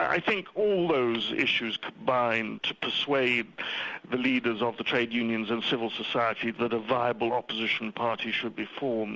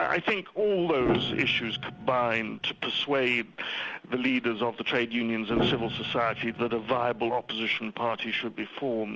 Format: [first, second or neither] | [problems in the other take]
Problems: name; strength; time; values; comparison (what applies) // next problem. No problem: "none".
first | background sound (Piano); 8 dB below the speech